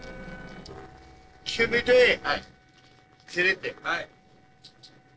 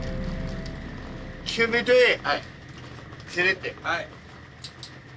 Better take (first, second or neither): second